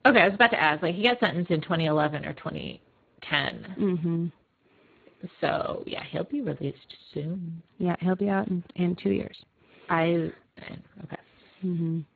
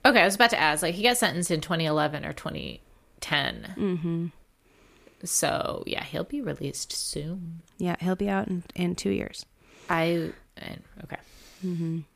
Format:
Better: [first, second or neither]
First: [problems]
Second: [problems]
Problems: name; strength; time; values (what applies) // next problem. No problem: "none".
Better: second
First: garbled, watery; badly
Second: none